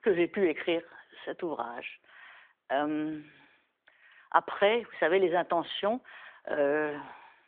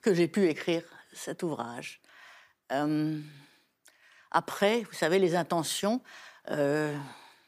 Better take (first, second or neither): second